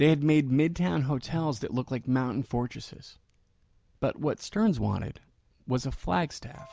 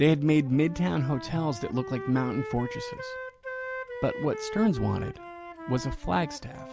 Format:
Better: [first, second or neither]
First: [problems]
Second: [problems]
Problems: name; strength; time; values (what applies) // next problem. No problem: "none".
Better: first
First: none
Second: background sound (Wind instrument, woodwind instrument); 11 dB below the speech